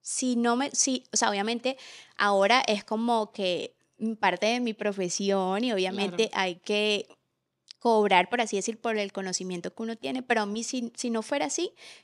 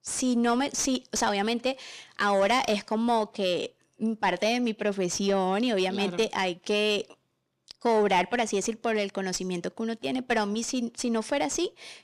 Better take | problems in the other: first | distortion; slight; 10 dB below the speech

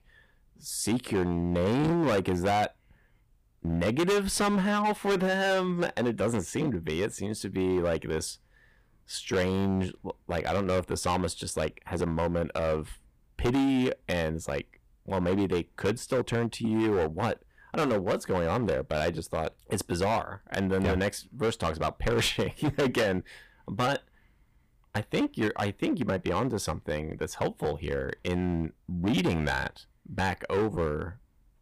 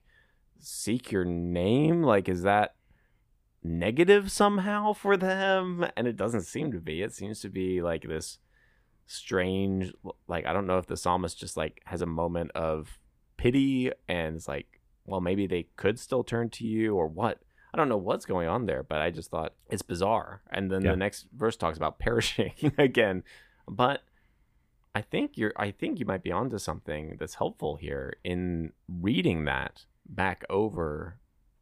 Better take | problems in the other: second | distortion; heavy; 11% of the sound clipped

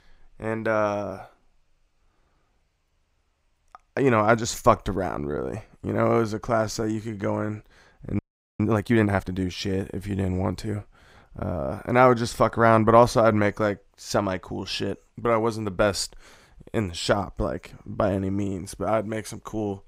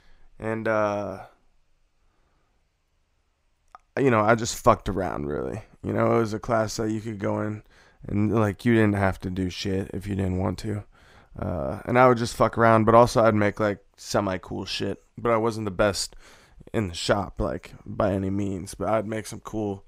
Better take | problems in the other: second | audio freezing; at 8 s

